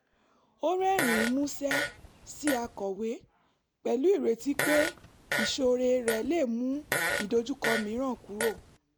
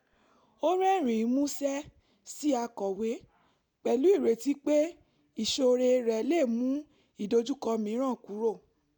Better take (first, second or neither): second